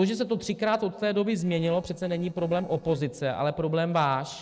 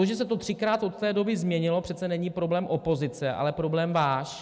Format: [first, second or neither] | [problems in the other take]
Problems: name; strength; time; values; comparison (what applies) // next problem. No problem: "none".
second | noise reduction (neural separator model SepFormer DNS4)